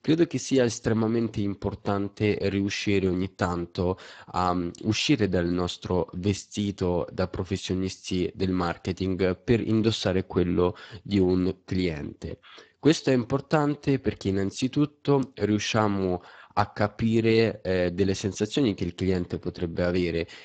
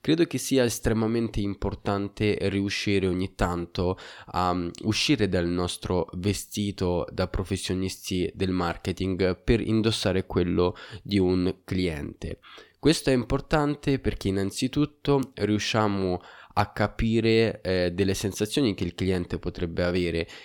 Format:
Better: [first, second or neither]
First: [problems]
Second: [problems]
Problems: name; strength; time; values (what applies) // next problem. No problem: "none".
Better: second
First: garbled, watery; badly; nothing above 7.5 kHz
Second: none